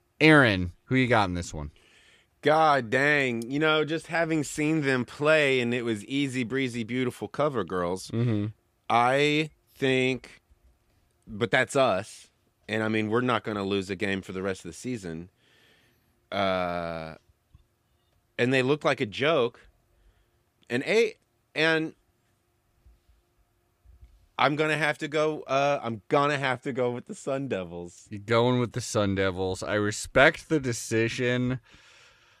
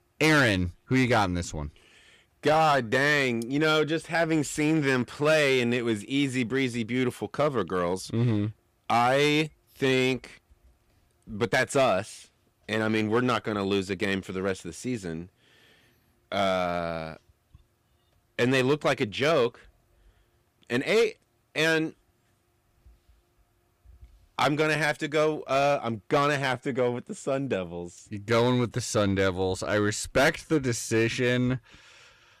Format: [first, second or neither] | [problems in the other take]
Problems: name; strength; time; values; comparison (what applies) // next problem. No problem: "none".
first | distortion; slight; 4% of the sound clipped